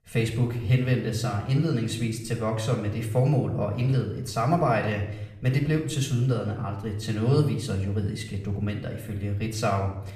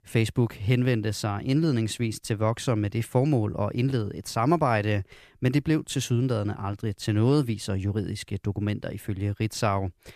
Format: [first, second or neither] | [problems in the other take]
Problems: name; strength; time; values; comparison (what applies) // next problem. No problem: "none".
second | room echo; slight; dies away in 0.7 s // off-mic speech; far